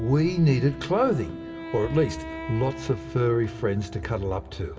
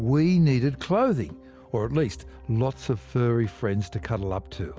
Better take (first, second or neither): second